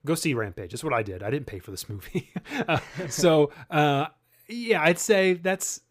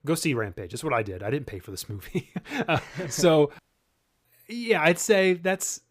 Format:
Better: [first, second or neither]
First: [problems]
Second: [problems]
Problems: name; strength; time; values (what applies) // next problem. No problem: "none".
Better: first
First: none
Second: audio cutting out; at 3.5 s for 0.5 s